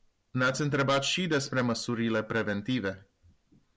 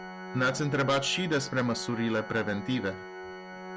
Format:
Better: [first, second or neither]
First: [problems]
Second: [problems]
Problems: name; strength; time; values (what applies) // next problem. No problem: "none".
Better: first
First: none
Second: background sound (Organ); 11 dB below the speech